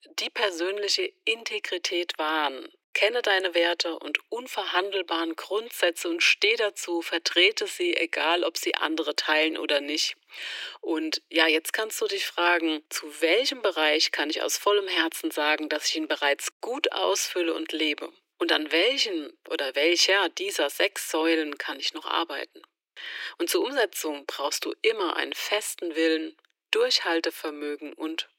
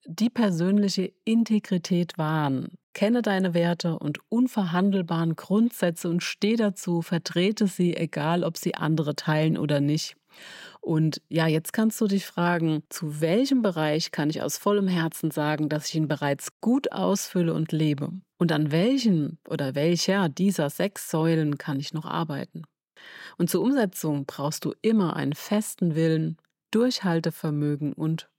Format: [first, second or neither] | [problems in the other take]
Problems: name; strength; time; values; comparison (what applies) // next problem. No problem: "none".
second | thin; very; fading below 300 Hz